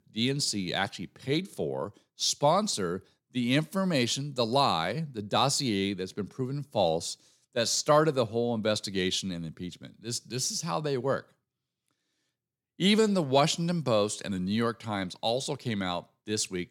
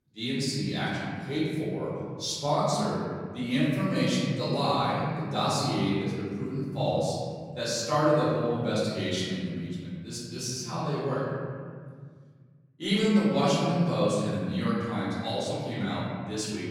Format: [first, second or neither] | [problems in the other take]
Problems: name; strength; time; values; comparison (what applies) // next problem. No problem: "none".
first | room echo; strong; dies away in 2.3 s // off-mic speech; far